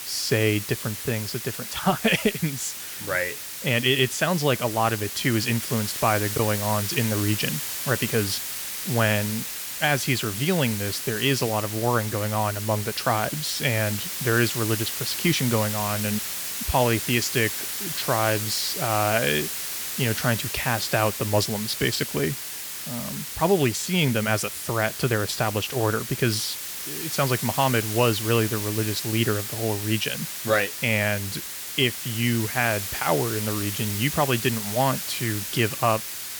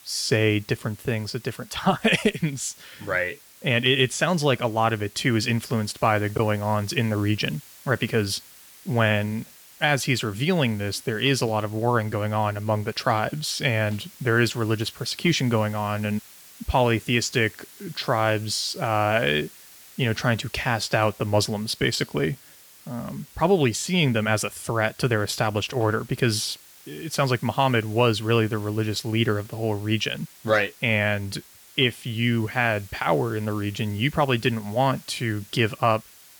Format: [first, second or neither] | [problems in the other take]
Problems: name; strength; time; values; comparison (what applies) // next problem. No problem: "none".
second | hiss; loud; throughout; 5 dB below the speech; faint in the second